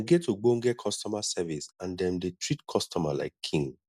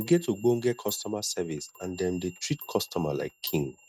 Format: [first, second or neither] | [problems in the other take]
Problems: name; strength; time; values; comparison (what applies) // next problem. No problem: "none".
first | noise reduction (neural mask model RNNoise)